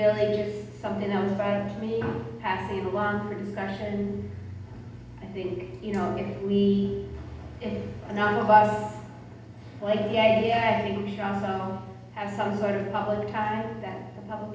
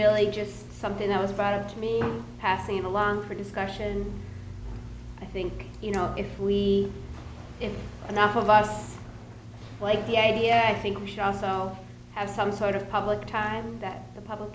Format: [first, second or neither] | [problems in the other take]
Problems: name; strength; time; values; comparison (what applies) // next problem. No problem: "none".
second | room echo; dies away in 0.8 s